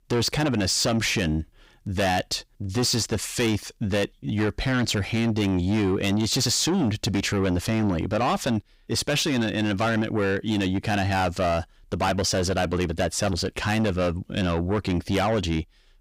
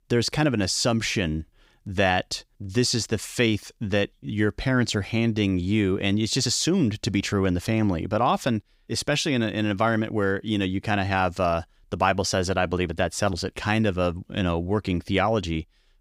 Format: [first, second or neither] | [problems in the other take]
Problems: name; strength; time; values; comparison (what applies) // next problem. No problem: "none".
second | distortion; heavy; 8 dB below the speech